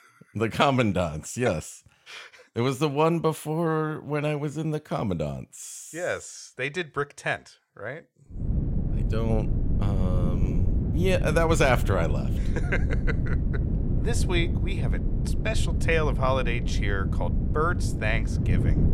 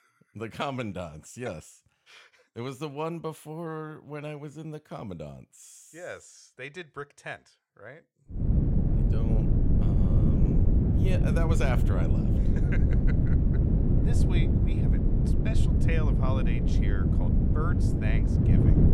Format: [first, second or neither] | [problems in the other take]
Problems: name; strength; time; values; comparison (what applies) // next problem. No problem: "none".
first | wind noise on the microphone; heavy; from 8.5 s on; 2 dB above the speech; occasional gusts in the first